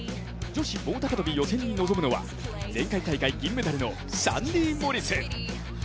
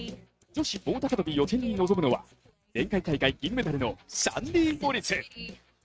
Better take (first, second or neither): first